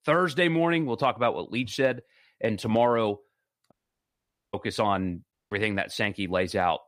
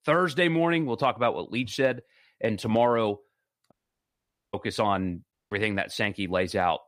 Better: neither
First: audio cutting out; at 3.5 s for 1 s and at 5.5 s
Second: audio cutting out; at 3.5 s for 1 s and at 5.5 s

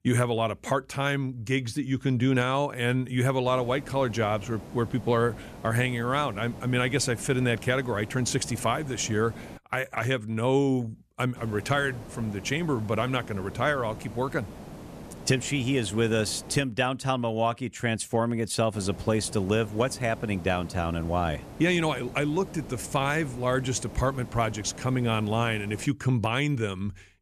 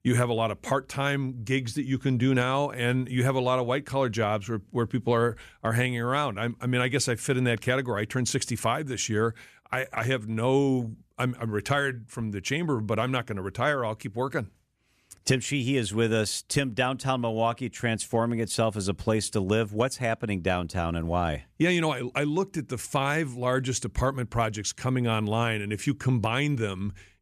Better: second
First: hiss; noticeable; from 3.5 to 9.5 s, from 11 to 17 s and from 19 to 26 s; 15 dB below the speech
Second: none

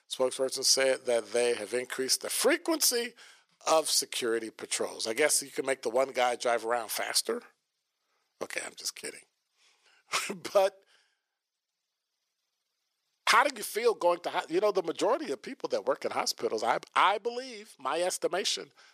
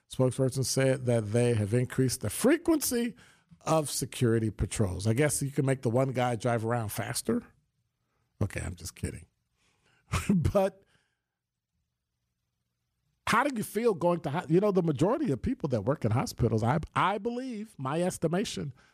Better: second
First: thin; very; fading below 450 Hz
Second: none

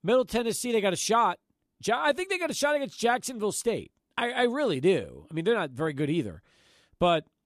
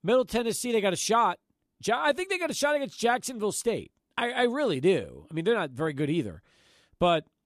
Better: neither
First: none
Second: none

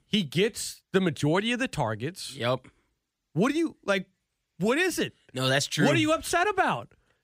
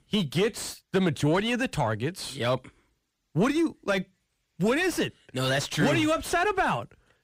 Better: first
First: none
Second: distortion; slight; 10 dB below the speech

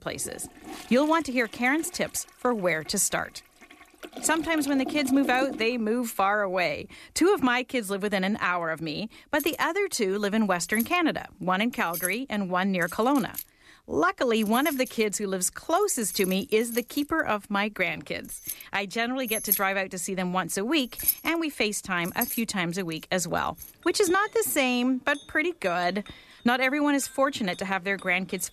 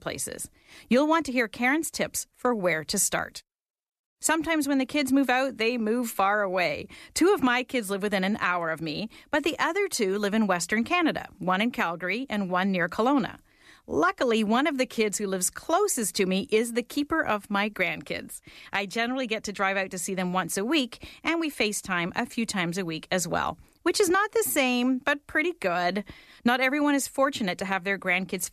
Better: second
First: household noises; loud; throughout; 9 dB below the speech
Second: none

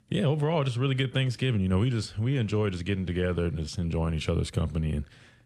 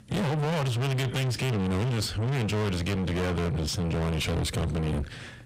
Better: first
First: none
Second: distortion; heavy; 6 dB below the speech

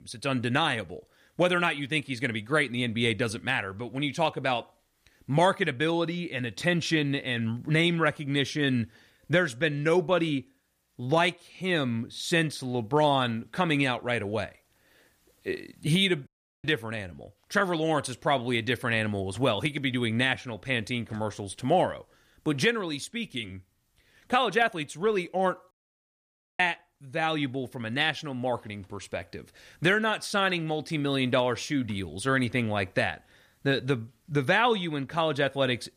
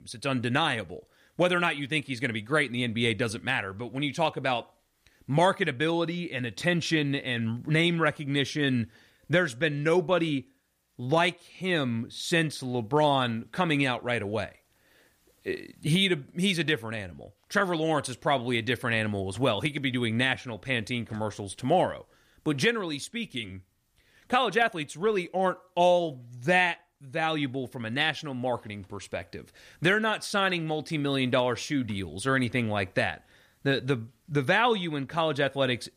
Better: second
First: audio cutting out; at 16 s and at 26 s for 1 s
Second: none

